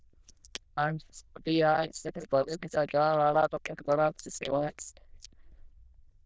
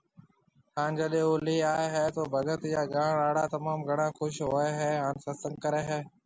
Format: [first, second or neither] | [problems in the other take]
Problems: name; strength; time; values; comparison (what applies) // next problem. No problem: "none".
second | noise reduction (neural diffusion model UNIVERSE++)